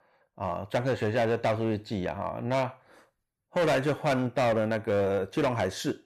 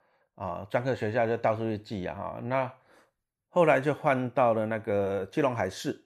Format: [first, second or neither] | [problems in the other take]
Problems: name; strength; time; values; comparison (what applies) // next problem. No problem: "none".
second | distortion; heavy; 10% of the sound clipped